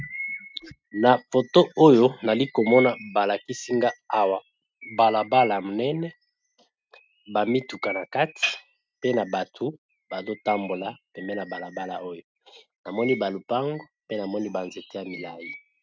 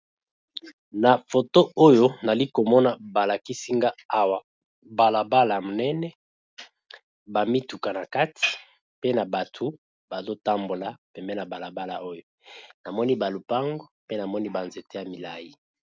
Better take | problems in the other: second | noise reduction (neural mask model RNNoise)

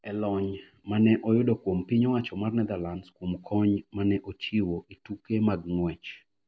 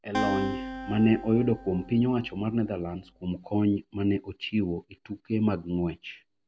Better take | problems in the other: first | background sound (Acoustic guitar); 9 dB below the speech

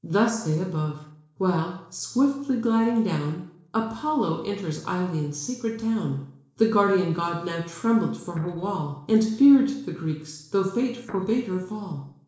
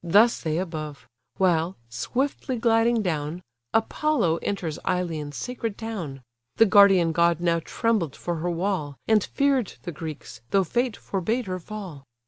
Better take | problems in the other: second | noise reduction (neural separator model SepFormer DNS4)

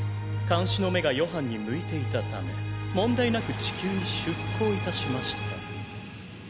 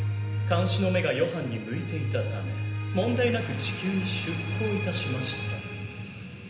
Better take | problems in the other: first | room echo; dies away in 0.9 s

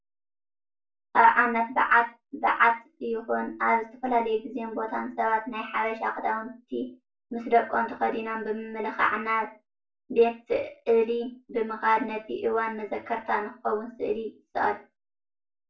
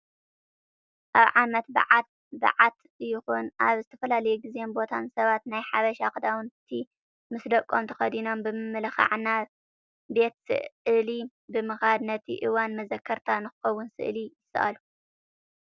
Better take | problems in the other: second | room echo; dies away in 0.3 s

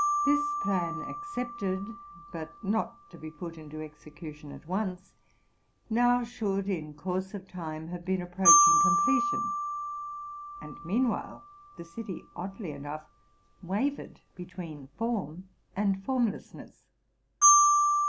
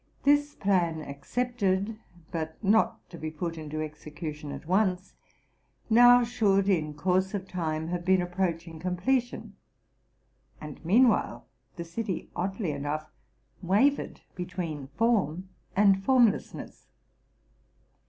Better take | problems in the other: second | background sound (Marimba, xylophone); 2 dB above the speech

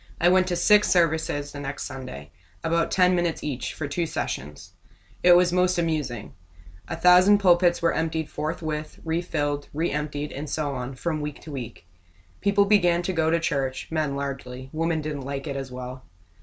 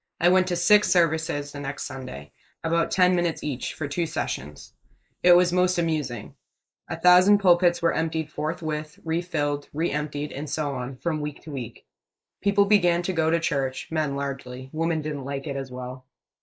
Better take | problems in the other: first | noise reduction (neural mask model Resemble Enhance denoiser)

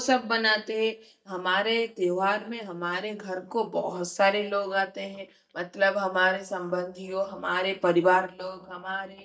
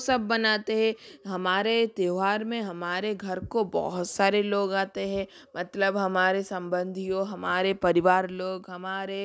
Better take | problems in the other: second | noise reduction (neural mask model DeepFilterNet 3)

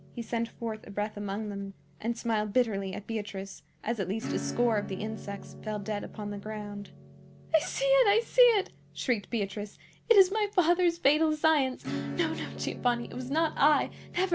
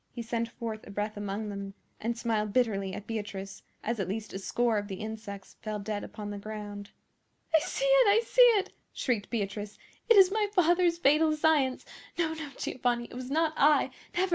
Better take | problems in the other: second | background sound (Acoustic guitar / Strum); 14 dB below the speech

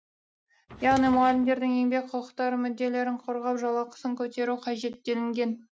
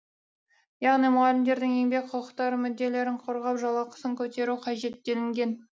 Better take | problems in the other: second | noise reduction (neural mask model RNNoise)

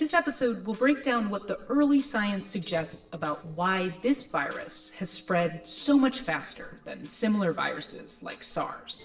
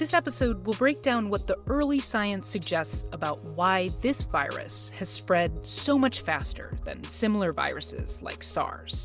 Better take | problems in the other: second | noise reduction (neural separator model SepFormer DNS4)

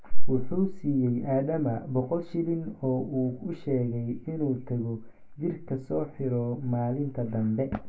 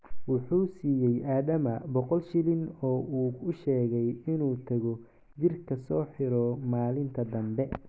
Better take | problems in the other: second | room echo; dies away in 0.2 s

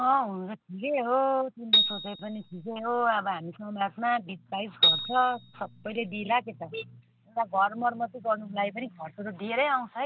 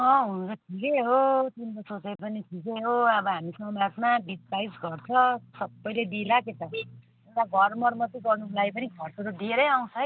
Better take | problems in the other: second | background sound (Piano); 1 dB above the speech

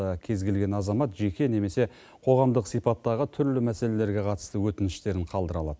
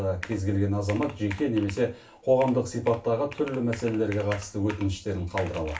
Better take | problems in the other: first | background sound (Computer keyboard); 17 dB below the speech // room echo; dies away in 0.3 s

